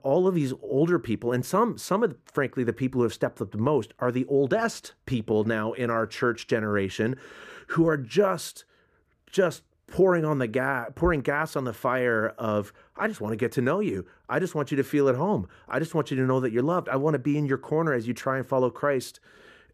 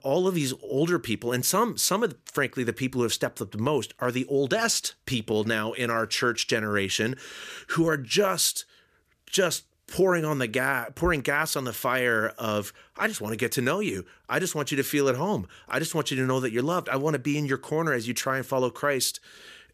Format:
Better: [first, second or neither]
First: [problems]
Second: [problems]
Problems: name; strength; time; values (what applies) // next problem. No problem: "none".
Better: second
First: muffled; slightly; fading above 2 kHz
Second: none